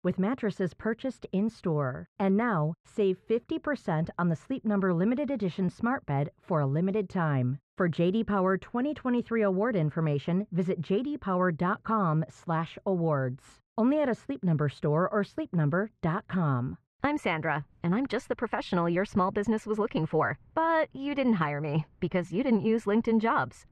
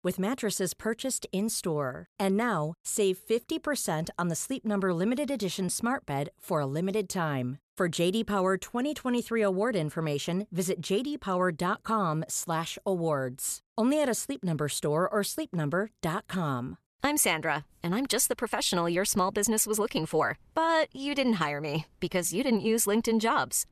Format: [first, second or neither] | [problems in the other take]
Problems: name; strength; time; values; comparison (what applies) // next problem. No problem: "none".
second | muffled; very; fading above 2 kHz